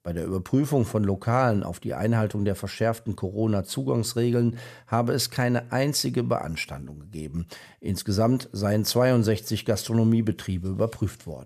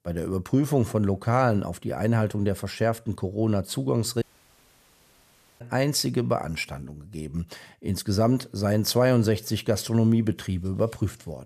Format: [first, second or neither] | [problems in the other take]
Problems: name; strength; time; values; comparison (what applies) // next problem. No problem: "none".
first | audio cutting out; at 4 s for 1.5 s